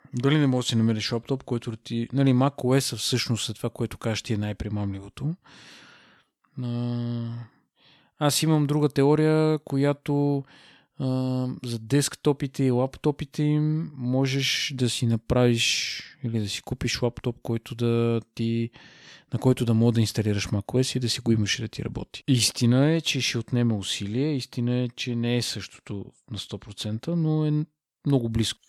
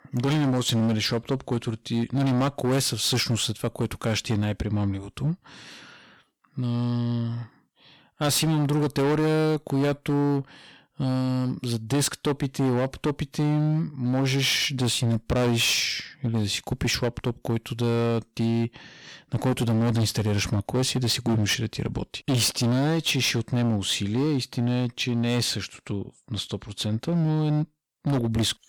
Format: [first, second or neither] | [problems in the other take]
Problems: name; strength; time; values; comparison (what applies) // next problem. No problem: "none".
first | distortion; heavy; 14% of the sound clipped